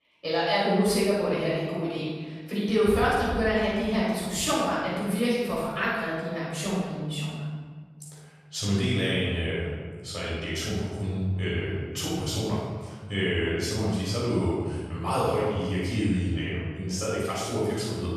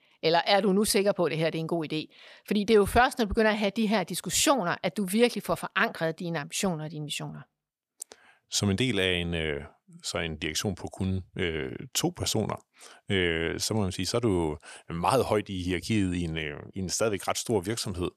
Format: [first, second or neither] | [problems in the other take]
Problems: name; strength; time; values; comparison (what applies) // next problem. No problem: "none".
second | room echo; strong; dies away in 1.7 s // off-mic speech; far